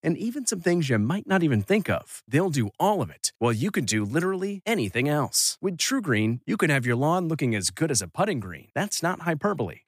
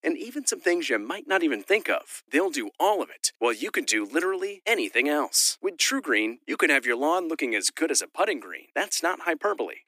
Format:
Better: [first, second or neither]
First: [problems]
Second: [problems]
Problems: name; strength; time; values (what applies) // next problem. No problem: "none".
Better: first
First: none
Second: thin; somewhat; fading below 300 Hz